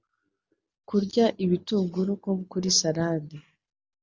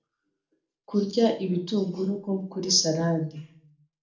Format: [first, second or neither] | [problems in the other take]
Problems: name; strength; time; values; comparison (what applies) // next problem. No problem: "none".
first | room echo; dies away in 0.4 s